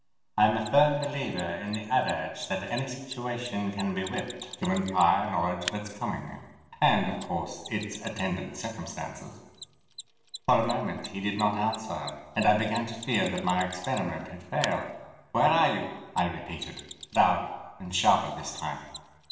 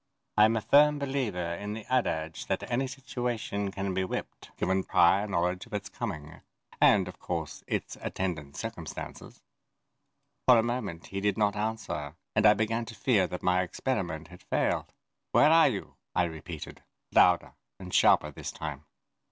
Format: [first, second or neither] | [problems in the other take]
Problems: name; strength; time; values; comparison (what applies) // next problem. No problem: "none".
second | background sound (Mechanisms); 17 dB below the speech // room echo; dies away in 1.1 s